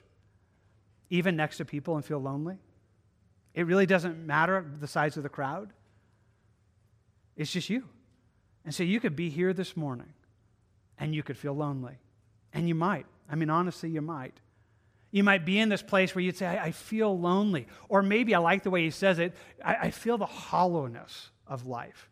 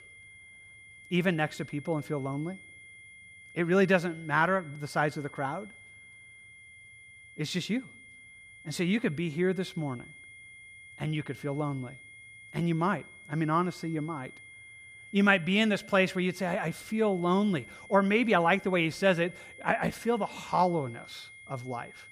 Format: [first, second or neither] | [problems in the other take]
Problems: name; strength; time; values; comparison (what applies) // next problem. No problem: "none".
first | high-pitched whine; noticeable; throughout; 2 kHz, 20 dB below the speech